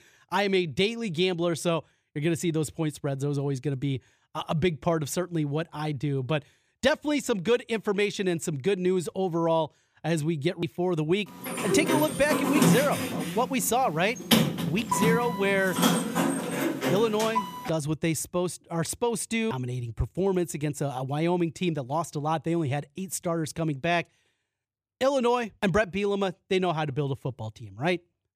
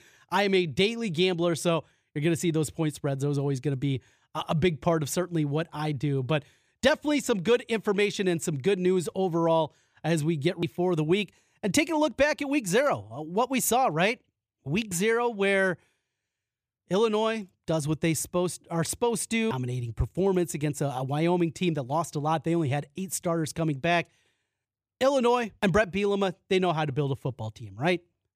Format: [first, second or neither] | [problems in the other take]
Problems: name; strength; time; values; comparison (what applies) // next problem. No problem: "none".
second | door banging; loud; from 11 to 18 s; peak 6 dB above the speech